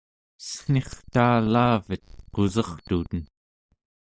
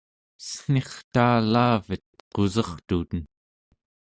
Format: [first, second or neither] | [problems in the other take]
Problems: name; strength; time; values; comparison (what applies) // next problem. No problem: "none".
second | noise reduction (neural mask model DeepFilterNet 3)